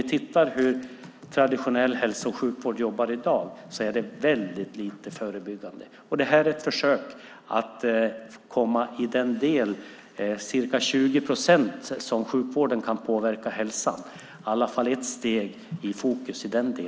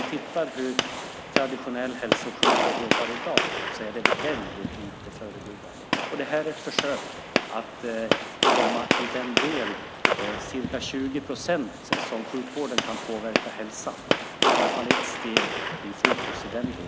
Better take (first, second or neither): first